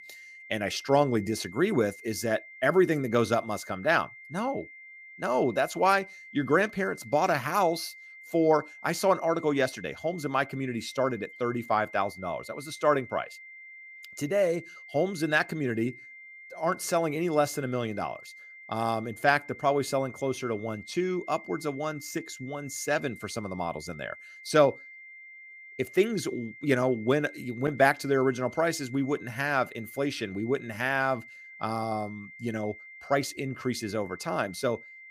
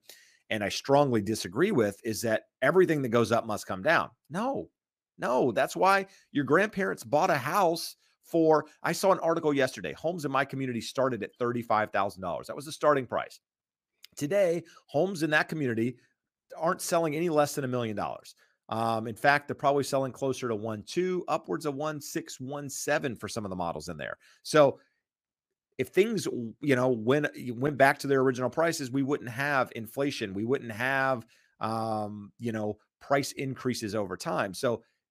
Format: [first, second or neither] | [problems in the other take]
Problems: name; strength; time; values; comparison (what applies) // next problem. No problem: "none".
second | high-pitched whine; noticeable; throughout; 2 kHz, 15 dB below the speech